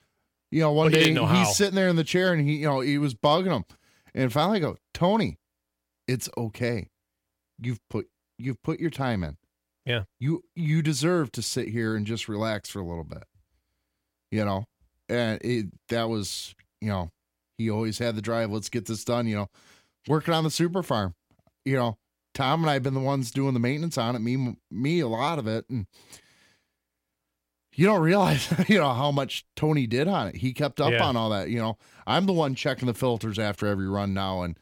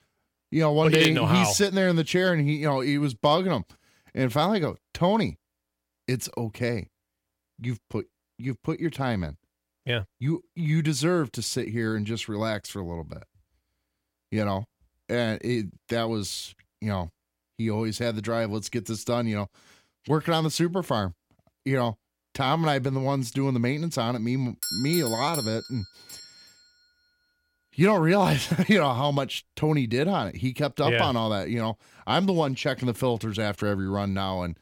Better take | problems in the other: first | doorbell; noticeable; from 25 to 26 s; peak 3 dB below the speech

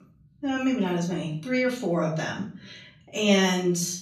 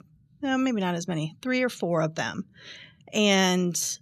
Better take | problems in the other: second | off-mic speech; far // room echo; slight; dies away in 0.4 s

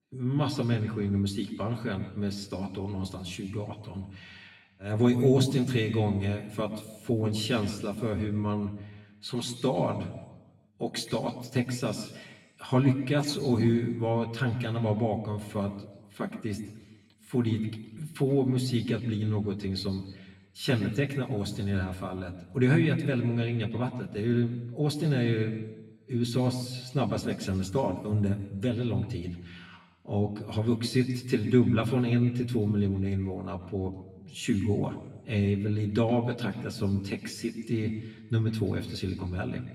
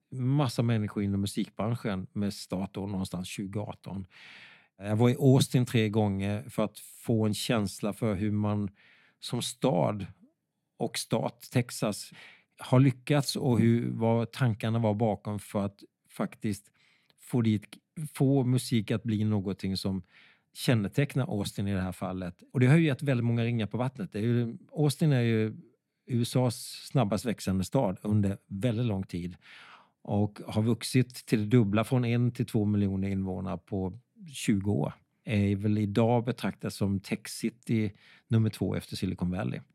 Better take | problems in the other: second | room echo; slight; dies away in 1.1 s // off-mic speech; somewhat distant

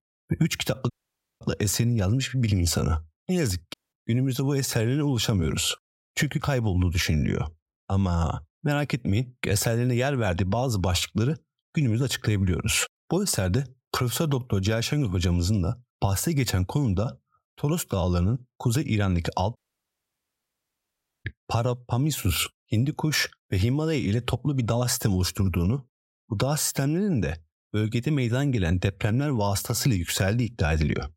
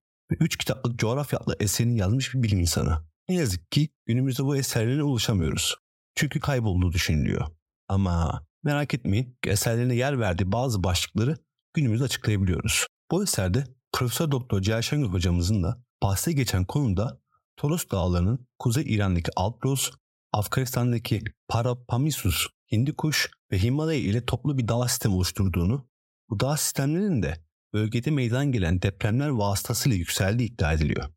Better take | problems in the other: second | audio cutting out; at 1 s for 0.5 s, at 3.5 s and at 20 s for 1.5 s

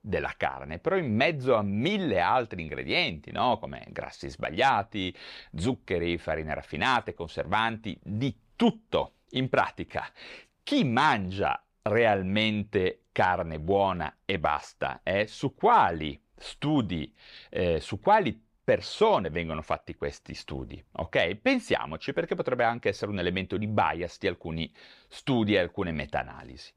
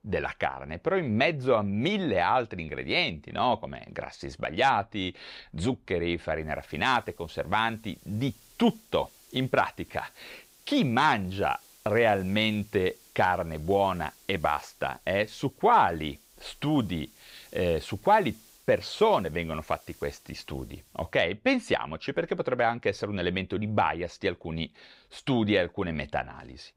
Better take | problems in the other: first | hiss; faint; from 6.5 to 21 s; 25 dB below the speech

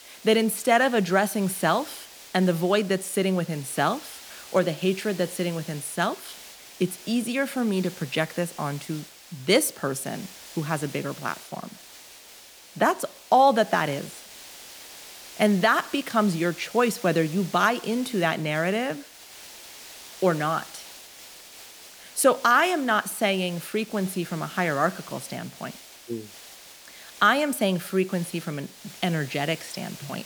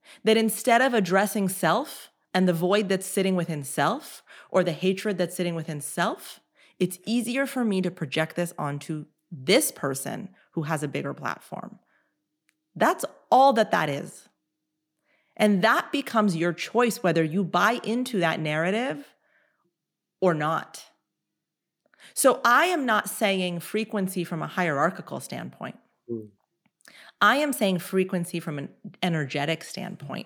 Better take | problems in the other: second | hiss; noticeable; throughout; 20 dB below the speech

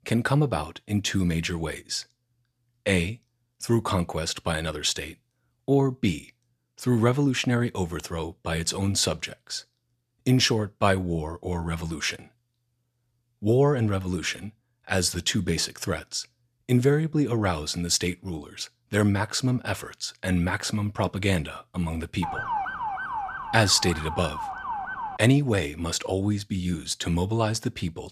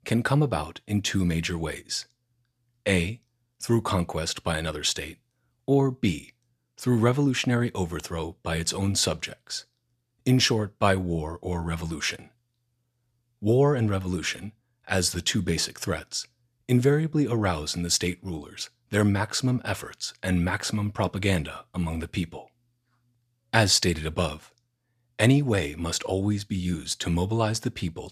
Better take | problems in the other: second | siren; noticeable; from 22 to 25 s; peak 3 dB below the speech

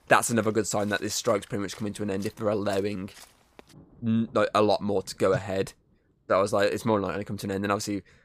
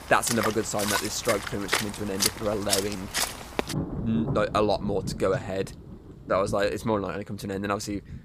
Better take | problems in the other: first | rain or running water; loud; throughout; 2 dB below the speech; faint in the first

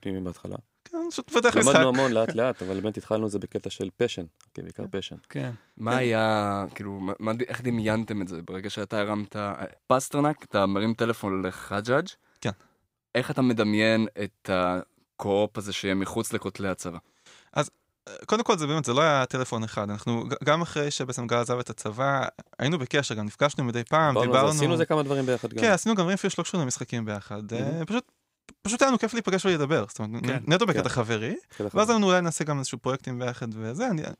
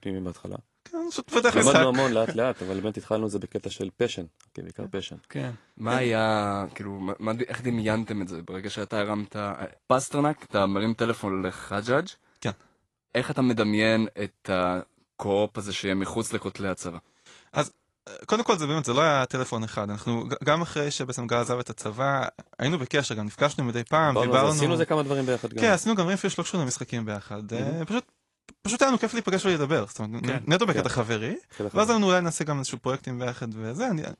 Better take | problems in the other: first | garbled, watery; slightly

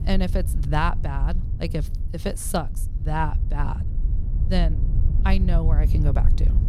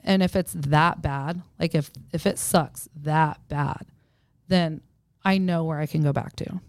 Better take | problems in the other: second | low rumble; noticeable; throughout; 15 dB below the speech

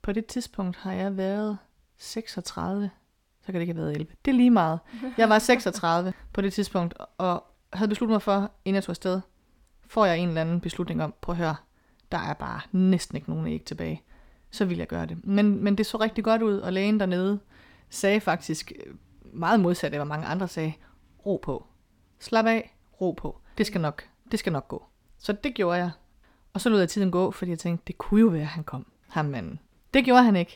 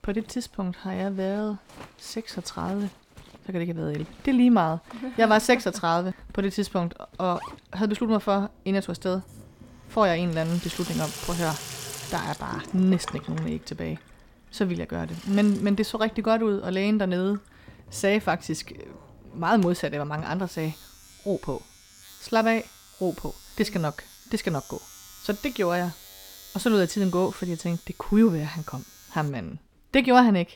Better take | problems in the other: first | household noises; noticeable; throughout; 15 dB below the speech

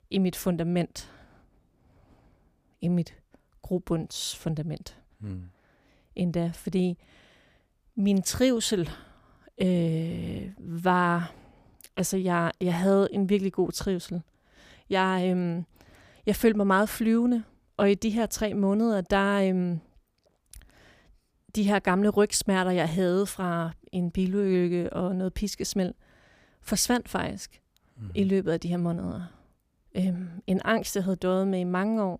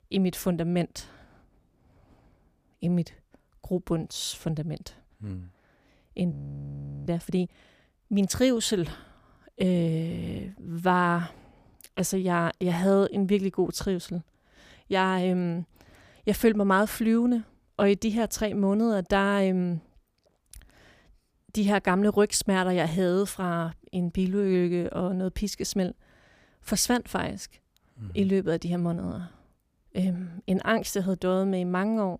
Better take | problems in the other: first | audio freezing; at 6.5 s for 0.5 s

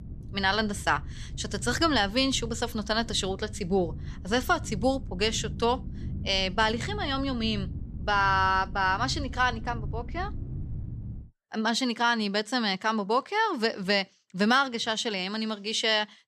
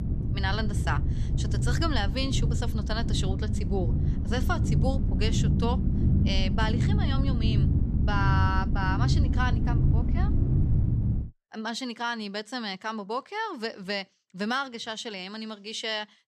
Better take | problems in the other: first | low rumble; loud; until 11 s; 6 dB below the speech; faint in the first

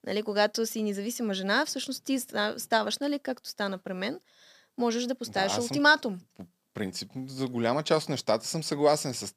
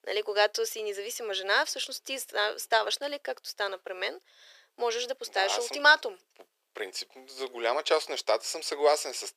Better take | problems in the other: first | thin; very; fading below 400 Hz

